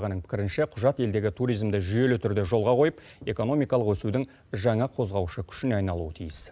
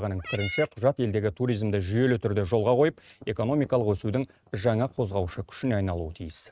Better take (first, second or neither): first